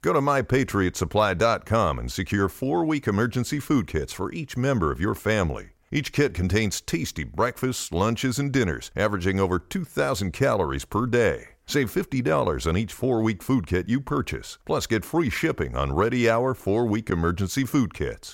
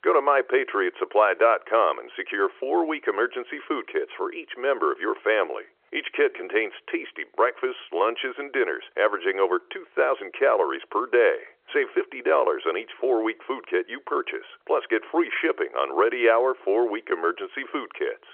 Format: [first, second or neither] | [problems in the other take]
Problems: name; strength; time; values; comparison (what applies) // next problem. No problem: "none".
first | phone-call audio; nothing above 3.5 kHz